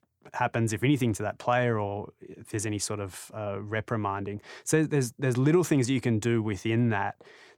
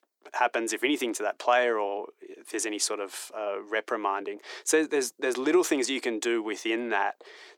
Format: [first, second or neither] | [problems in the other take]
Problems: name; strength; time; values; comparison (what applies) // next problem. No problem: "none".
first | thin; somewhat; fading below 300 Hz